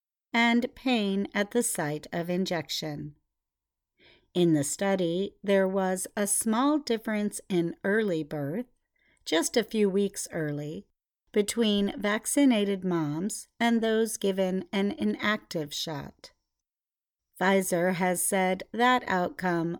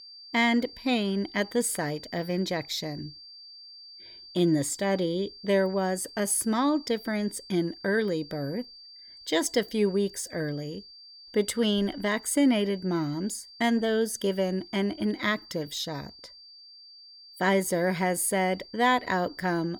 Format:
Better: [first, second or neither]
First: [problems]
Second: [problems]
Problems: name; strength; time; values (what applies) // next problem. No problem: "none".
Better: first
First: none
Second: high-pitched whine; noticeable; throughout; 4.5 kHz, 20 dB below the speech